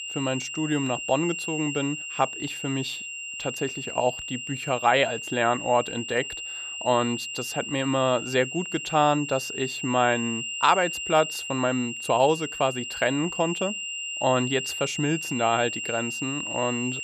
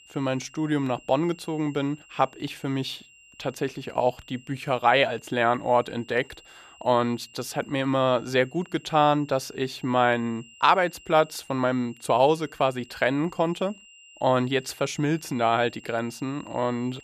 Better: second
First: high-pitched whine; loud; throughout; 3 kHz, 5 dB below the speech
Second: high-pitched whine; faint; throughout; 3 kHz, 25 dB below the speech

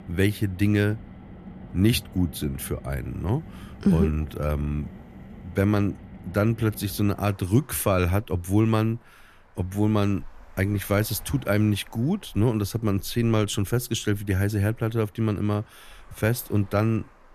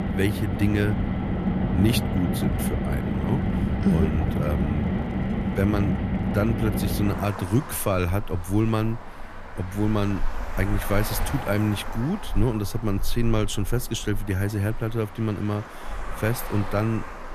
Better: first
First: traffic noise; faint; throughout; 20 dB below the speech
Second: traffic noise; loud; throughout; 2 dB below the speech

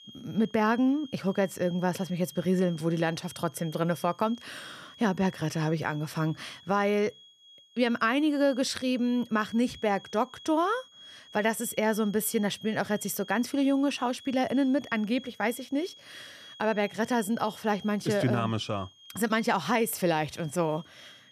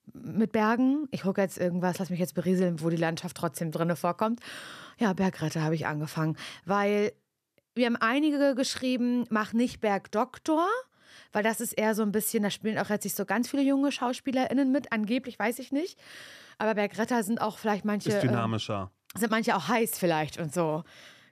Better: second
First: high-pitched whine; faint; throughout; 3 kHz, 20 dB below the speech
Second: none

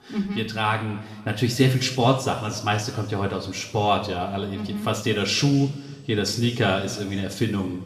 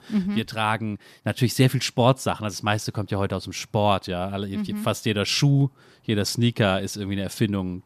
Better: second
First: room echo; slight; dies away in 1.7 s // off-mic speech; somewhat distant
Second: none

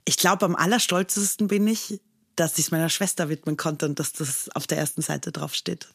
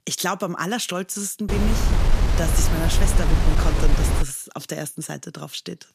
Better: first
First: none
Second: wind noise on the microphone; heavy; from 1.5 to 4 s; 1 dB below the speech

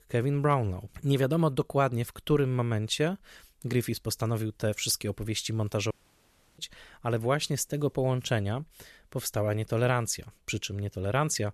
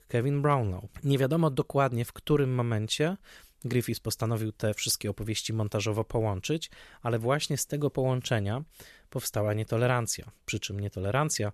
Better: second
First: audio cutting out; at 6 s for 0.5 s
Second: none

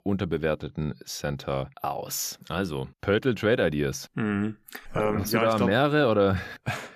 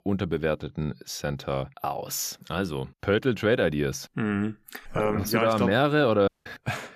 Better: first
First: none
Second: audio cutting out; at 6.5 s

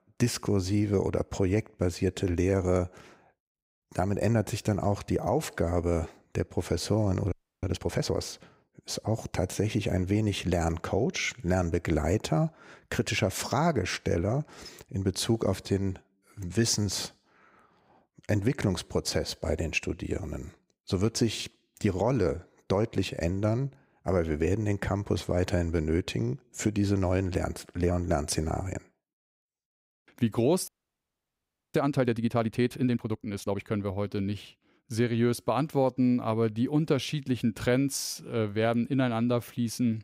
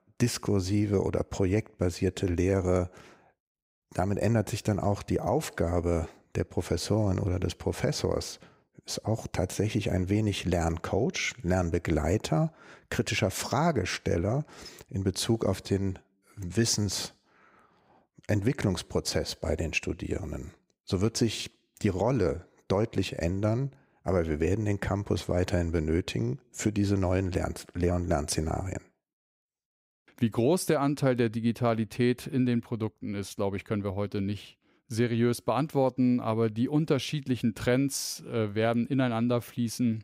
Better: second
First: audio freezing; at 7.5 s and at 31 s for 1 s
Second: none

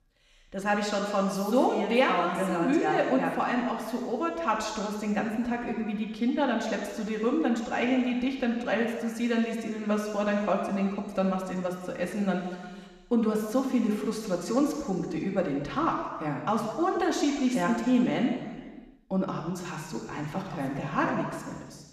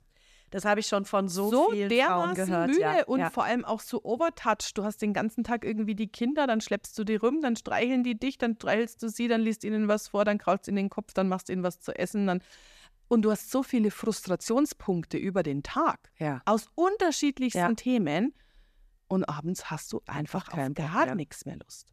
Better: second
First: room echo; noticeable; dies away in 1.5 s // off-mic speech; somewhat distant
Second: none

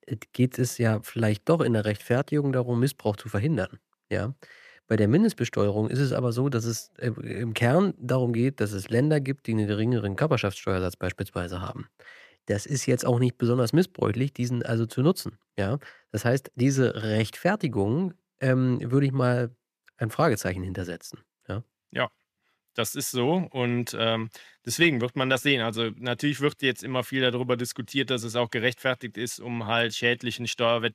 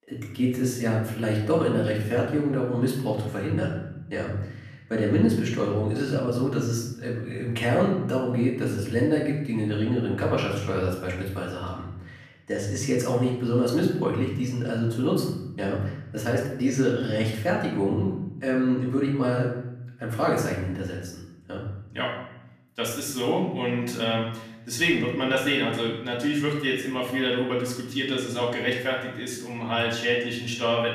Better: first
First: none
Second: off-mic speech; far // room echo; noticeable; dies away in 0.8 s

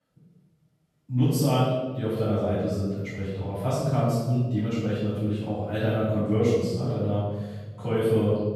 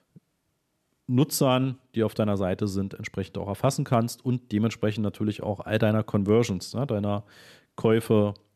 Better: second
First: off-mic speech; far // room echo; strong; dies away in 1.3 s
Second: none

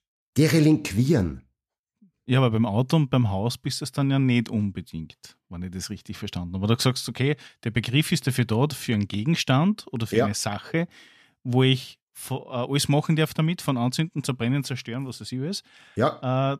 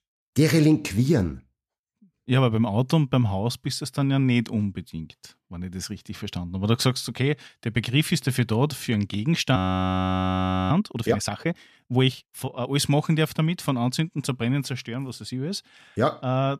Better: first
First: none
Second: audio freezing; at 9.5 s for 1 s

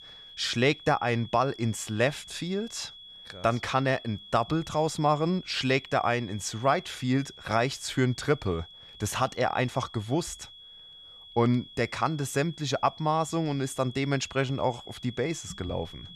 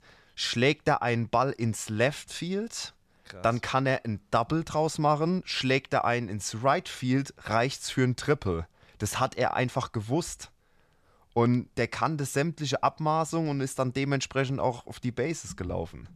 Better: second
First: high-pitched whine; noticeable; throughout; 3.5 kHz, 15 dB below the speech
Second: none

